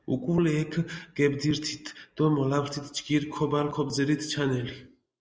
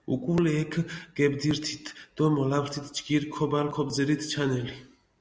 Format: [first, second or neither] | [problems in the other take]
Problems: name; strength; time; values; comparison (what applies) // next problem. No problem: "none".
second | noise reduction (neural mask model Resemble Enhance denoiser)